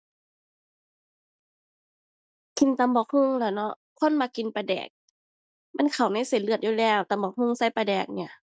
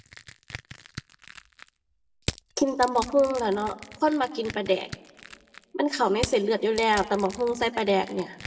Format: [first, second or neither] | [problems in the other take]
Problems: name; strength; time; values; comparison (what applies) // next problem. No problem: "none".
first | background sound (Crushing); 14 dB below the speech // room echo; dies away in 0.9 s